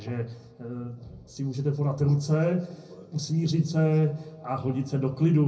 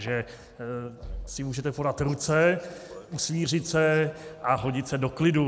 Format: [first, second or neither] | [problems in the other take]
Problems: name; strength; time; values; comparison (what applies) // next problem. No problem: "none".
second | room echo; dies away in 0.4 s